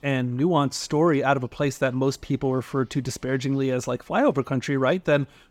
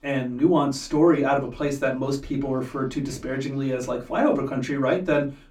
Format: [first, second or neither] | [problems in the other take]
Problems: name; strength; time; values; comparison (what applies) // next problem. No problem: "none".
first | off-mic speech; far // room echo; very slight; dies away in 0.2 s